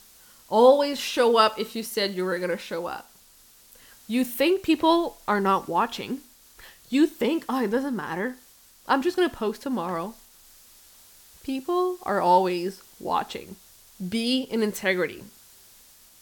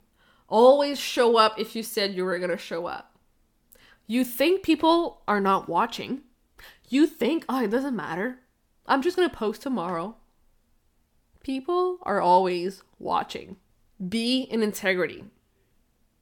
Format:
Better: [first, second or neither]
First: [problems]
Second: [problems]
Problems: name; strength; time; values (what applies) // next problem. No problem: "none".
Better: second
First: hiss; faint; throughout; 25 dB below the speech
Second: none